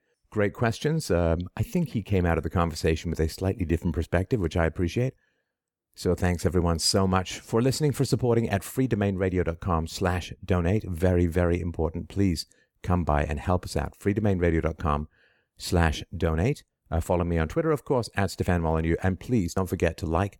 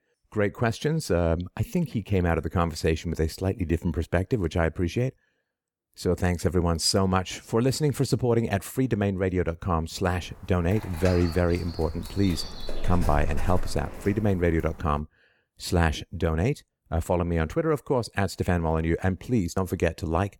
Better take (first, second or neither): first